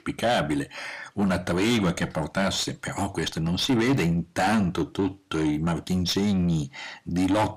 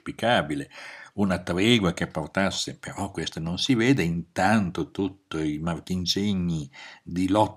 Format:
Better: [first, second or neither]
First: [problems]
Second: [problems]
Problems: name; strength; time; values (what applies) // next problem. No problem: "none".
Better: second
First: distortion; heavy; 6 dB below the speech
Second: none